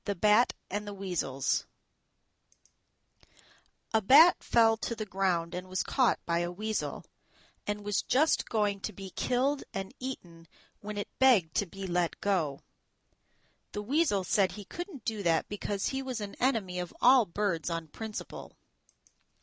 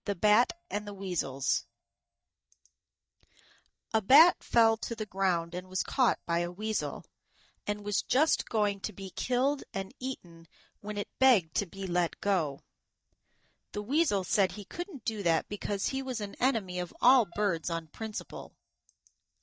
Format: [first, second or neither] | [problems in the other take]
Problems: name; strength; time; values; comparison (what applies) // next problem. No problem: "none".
first | noise reduction (neural mask model DeepFilterNet 3)